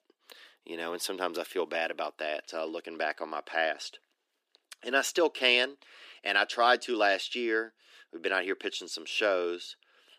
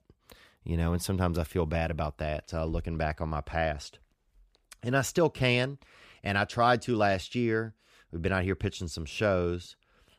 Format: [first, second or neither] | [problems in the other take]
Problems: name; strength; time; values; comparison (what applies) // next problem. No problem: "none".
second | thin; very; fading below 300 Hz